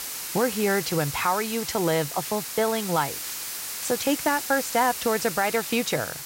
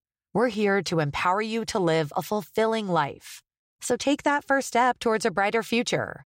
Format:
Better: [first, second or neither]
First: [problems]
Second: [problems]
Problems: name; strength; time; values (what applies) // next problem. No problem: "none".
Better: second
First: hiss; loud; throughout; 5 dB below the speech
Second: none